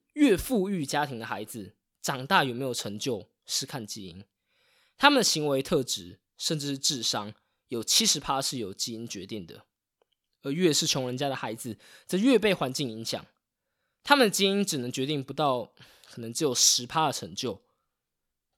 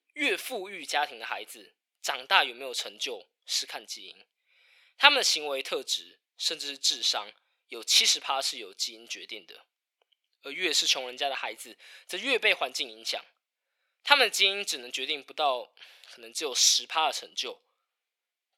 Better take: first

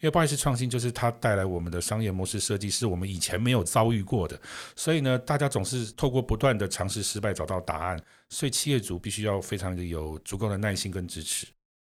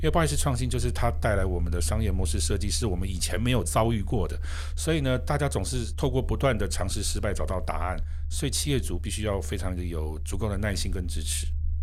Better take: first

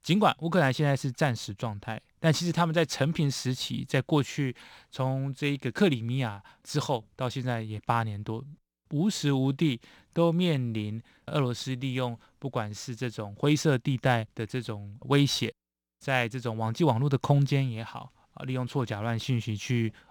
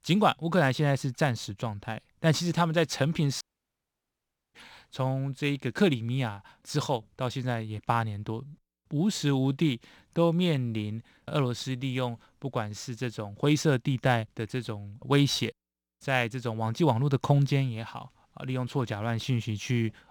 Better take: first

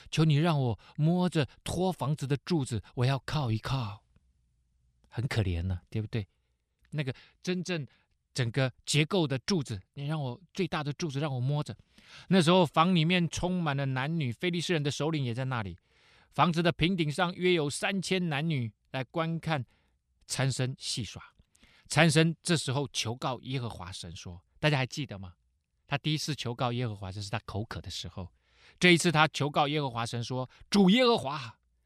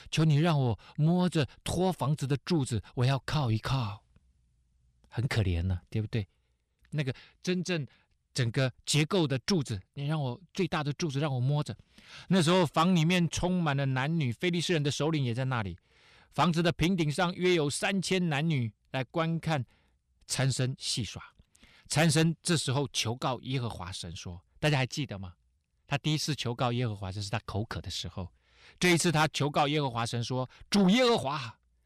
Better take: first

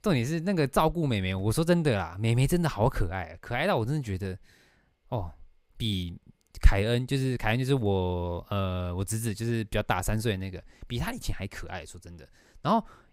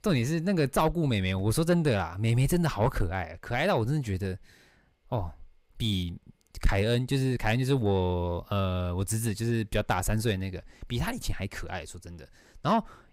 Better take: first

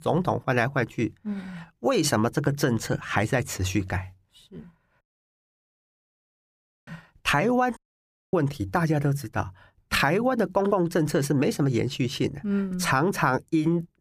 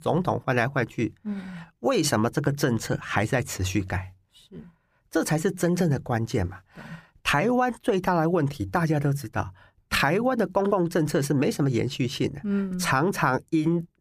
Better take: second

